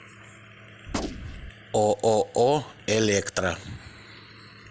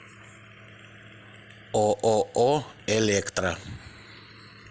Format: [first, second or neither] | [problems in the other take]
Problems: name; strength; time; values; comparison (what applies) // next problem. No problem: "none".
second | background sound (Gunshot, gunfire); 6 dB below the speech